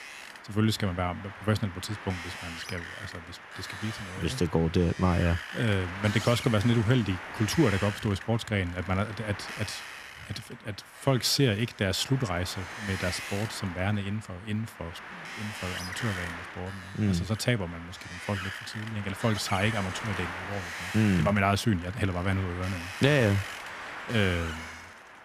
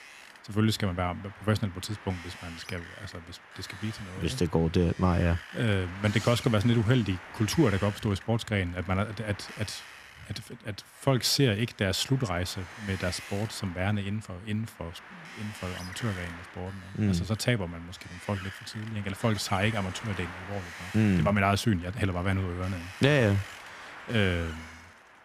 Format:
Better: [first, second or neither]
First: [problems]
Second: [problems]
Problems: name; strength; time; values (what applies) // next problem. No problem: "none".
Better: second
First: wind noise on the microphone; heavy; 6 dB below the speech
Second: wind noise on the microphone; occasional gusts; 10 dB below the speech